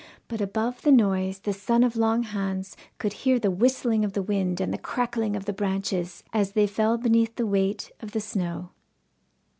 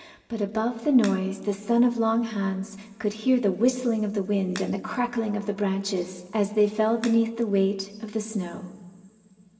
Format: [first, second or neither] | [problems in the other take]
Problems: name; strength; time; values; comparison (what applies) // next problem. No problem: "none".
first | background sound (Crack); 19 dB below the speech // room echo; dies away in 2.9 s